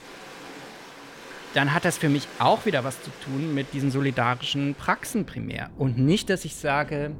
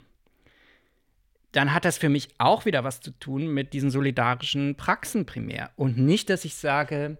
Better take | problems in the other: second | rain or running water; noticeable; throughout; 15 dB below the speech

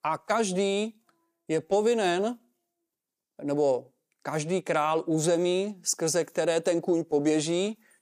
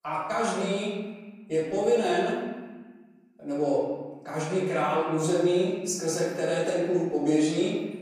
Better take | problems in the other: first | off-mic speech; far // room echo; noticeable; dies away in 1.3 s

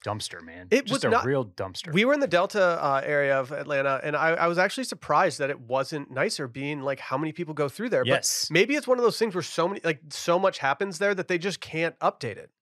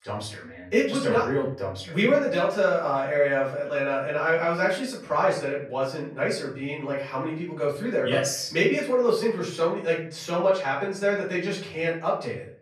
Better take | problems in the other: first | room echo; noticeable; dies away in 0.5 s // off-mic speech; far

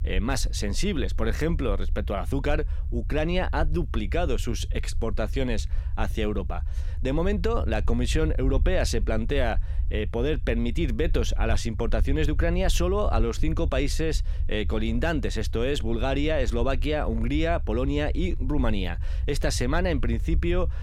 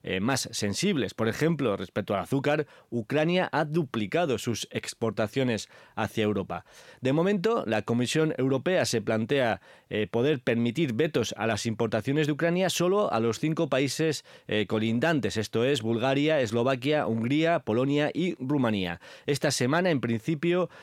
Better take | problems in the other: second | low rumble; faint; throughout; 20 dB below the speech

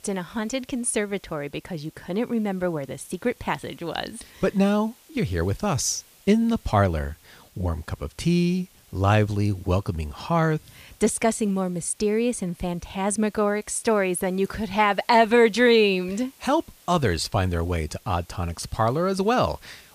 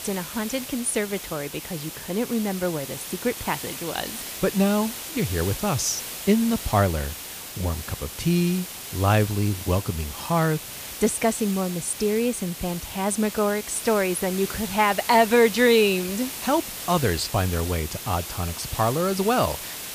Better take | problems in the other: first | hiss; loud; throughout; 9 dB below the speech; faint in the first

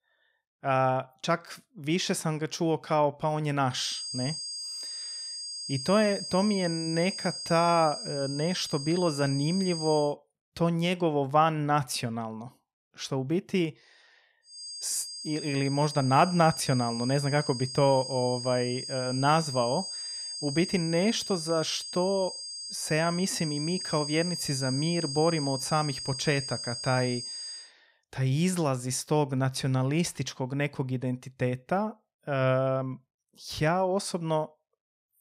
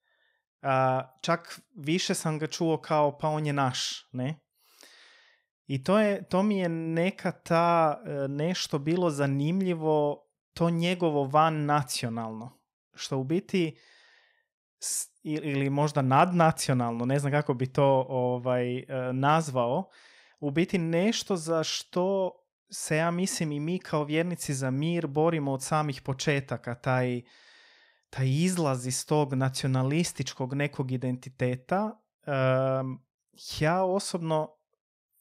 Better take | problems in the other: second | high-pitched whine; loud; from 4 to 10 s and from 15 to 28 s; 5 kHz, 7 dB below the speech

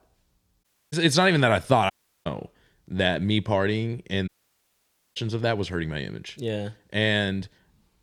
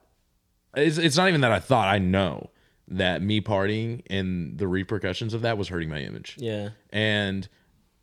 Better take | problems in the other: second | audio cutting out; at 0.5 s, at 2 s and at 4.5 s for 1 s

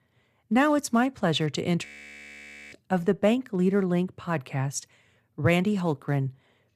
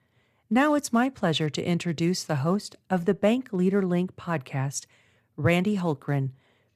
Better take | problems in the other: second | audio freezing; at 2 s for 1 s

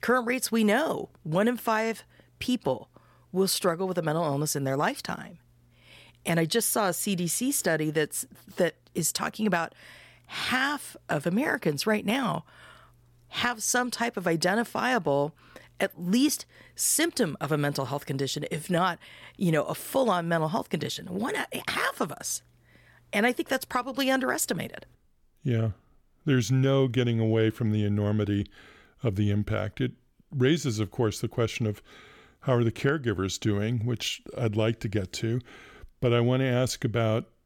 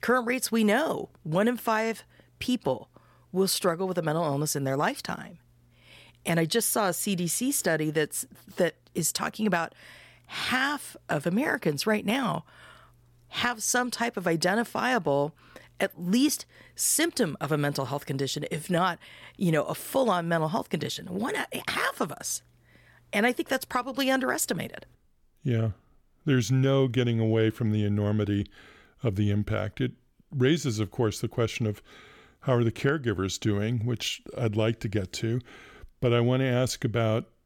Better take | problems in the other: neither | none

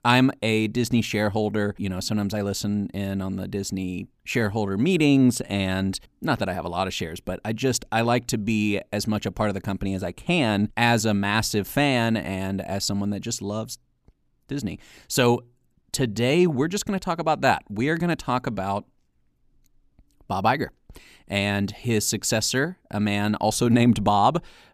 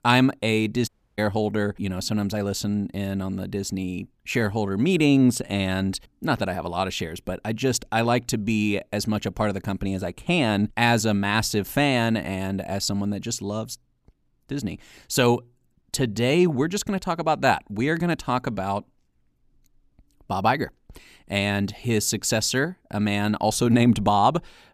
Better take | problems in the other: first | audio cutting out; at 1 s

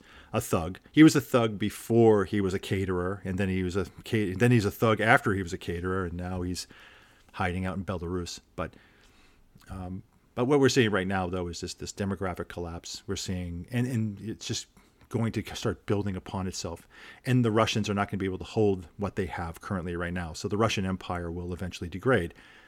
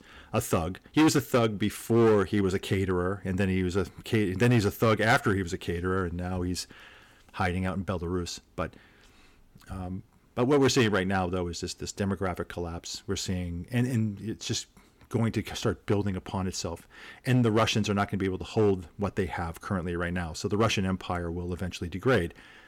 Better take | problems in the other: first | distortion; slight; 3% of the sound clipped

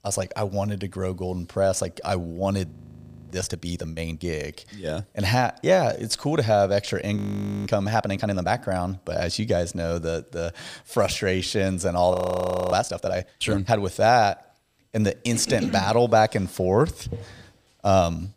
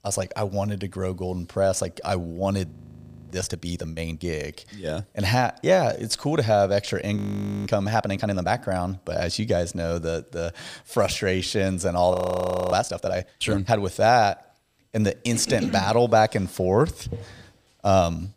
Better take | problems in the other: neither | audio freezing; at 2.5 s for 0.5 s, at 7 s and at 12 s for 0.5 s; the same in both

